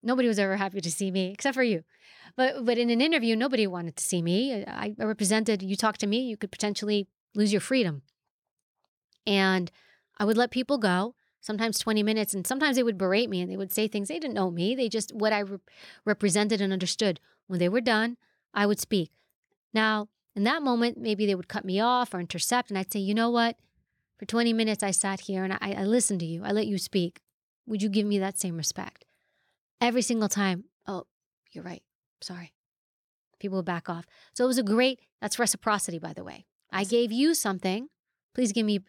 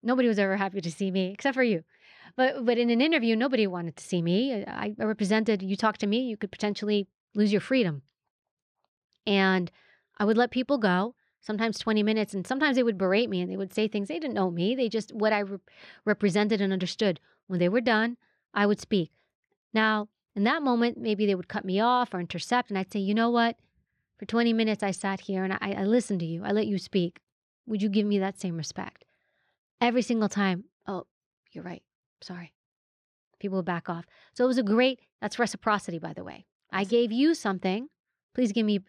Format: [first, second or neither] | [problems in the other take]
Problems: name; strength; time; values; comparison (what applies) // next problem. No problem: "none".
first | muffled; very slightly; fading above 3.5 kHz